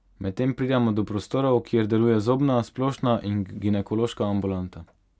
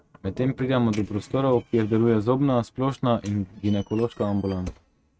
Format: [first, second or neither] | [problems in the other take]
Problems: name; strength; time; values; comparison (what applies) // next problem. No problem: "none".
first | noise reduction (neural mask model RNNoise)